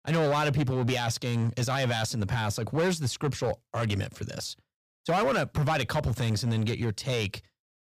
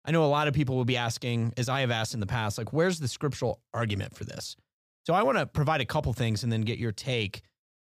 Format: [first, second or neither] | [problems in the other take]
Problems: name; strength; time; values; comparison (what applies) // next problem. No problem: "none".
second | distortion; slight; 10% of the sound clipped